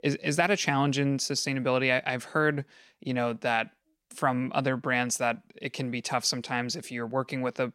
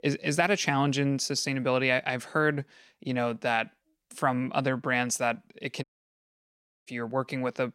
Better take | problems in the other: first | audio cutting out; at 6 s for 1 s

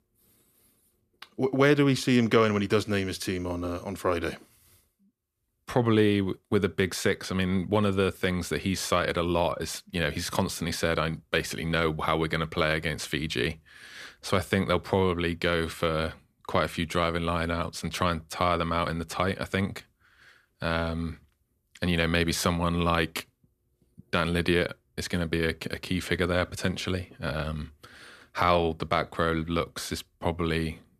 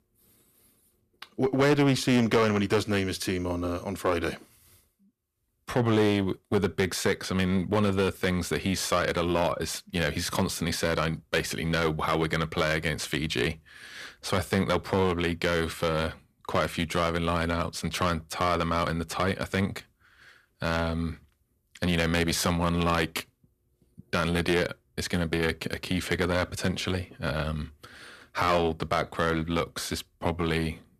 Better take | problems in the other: first | distortion; slight; 4% of the sound clipped

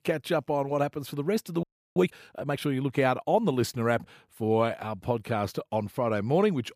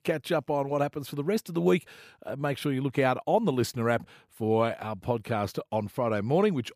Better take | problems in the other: second | audio freezing; at 1.5 s

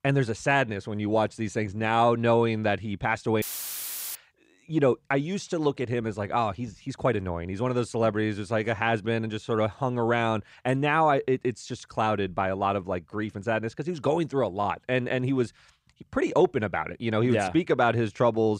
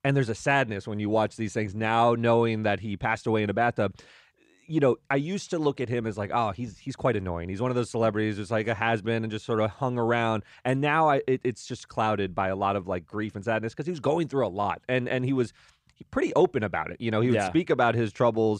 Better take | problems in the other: second | audio cutting out; filled with static; at 3.5 s for 0.5 s

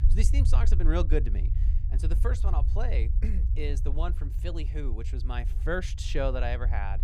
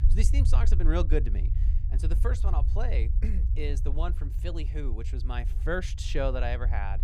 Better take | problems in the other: neither | low rumble; noticeable; throughout; 10 dB below the speech; the same in both

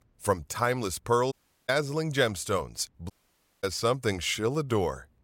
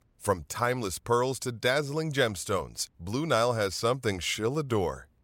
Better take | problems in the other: second | audio cutting out; at 1.5 s and at 3 s for 0.5 s

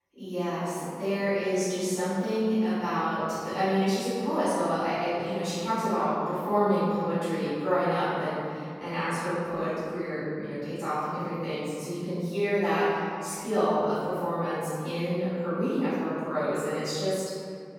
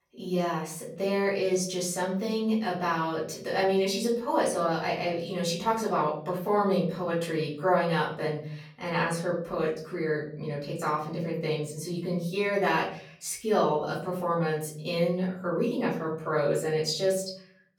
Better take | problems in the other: second | room echo; strong; dies away in 2.2 s; slight in the second // off-mic speech; far; far in the second

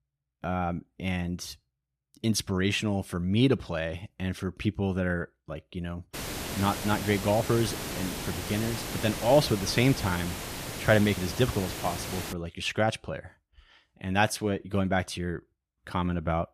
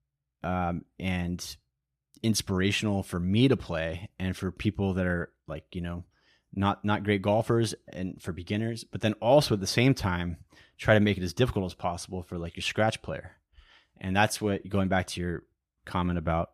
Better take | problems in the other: second | hiss; loud; from 6 to 12 s; 6 dB below the speech

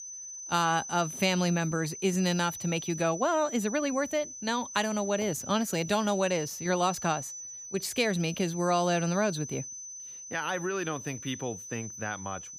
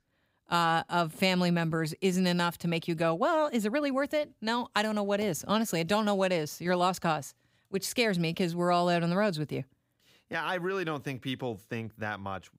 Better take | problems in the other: second | high-pitched whine; loud; throughout; 6 kHz, 9 dB below the speech

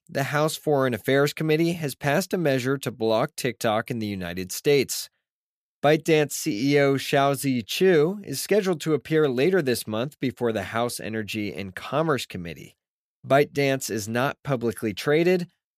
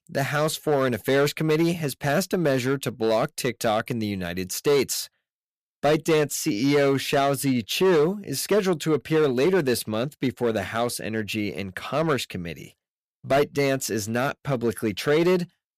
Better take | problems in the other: first | distortion; slight; 6% of the sound clipped

